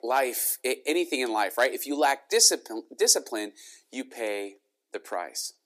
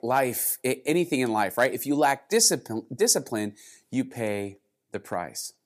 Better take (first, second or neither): second